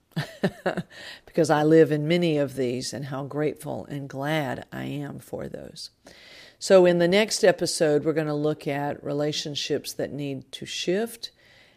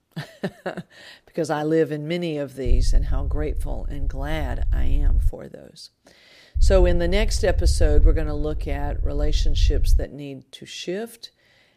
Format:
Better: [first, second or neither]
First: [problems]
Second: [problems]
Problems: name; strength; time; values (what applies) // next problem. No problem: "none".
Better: first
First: none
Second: low rumble; noticeable; from 2.5 to 5.5 s and from 6.5 to 10 s; 20 dB below the speech